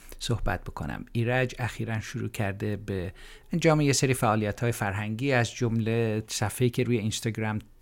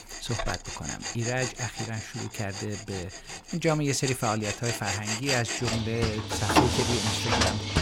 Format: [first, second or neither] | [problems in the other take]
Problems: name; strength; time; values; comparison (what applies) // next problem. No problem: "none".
first | machinery noise; very loud; throughout; 1 dB above the speech